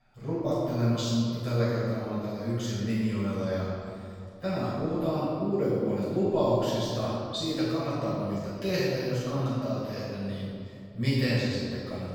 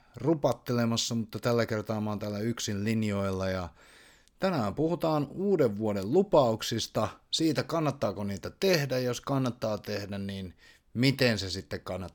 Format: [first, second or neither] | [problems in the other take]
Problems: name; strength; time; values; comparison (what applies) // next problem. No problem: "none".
second | room echo; strong; dies away in 2.2 s // off-mic speech; far